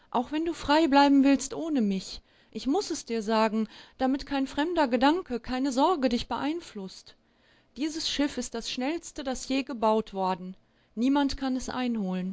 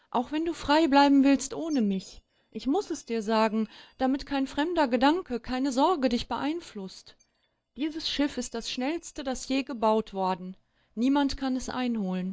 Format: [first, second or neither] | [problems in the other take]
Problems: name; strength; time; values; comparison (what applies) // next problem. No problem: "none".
first | noise reduction (neural mask model DeepFilterNet 3)